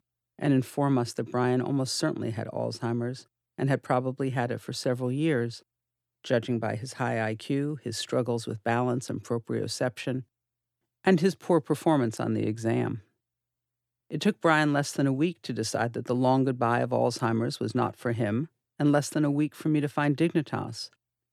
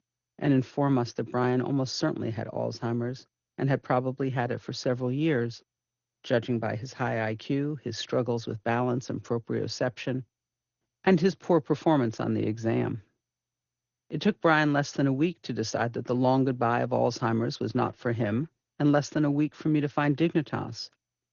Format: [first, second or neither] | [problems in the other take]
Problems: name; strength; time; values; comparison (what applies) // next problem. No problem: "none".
first | garbled, watery; slightly; nothing above 6.5 kHz